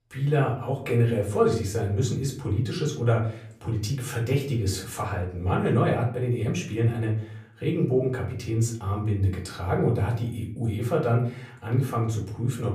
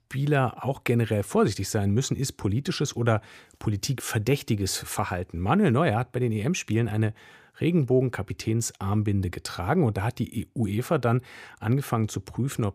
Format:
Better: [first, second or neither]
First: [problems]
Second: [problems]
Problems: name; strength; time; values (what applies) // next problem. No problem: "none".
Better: second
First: off-mic speech; far // room echo; slight; dies away in 0.5 s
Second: none